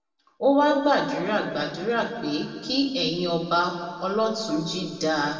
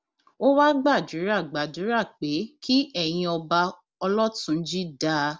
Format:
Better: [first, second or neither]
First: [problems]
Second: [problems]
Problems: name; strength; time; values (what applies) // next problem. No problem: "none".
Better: second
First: room echo; dies away in 1.9 s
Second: none